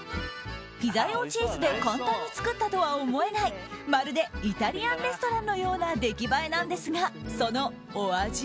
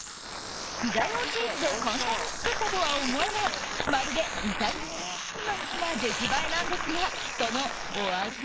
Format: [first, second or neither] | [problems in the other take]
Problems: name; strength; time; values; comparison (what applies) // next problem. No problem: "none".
first | noise reduction (neural mask model Resemble Enhance denoiser)